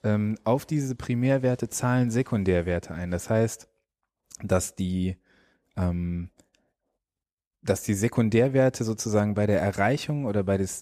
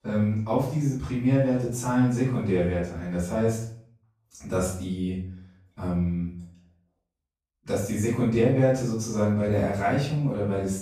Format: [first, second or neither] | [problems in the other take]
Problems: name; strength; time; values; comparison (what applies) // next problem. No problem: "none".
first | room echo; noticeable; dies away in 0.5 s // off-mic speech; far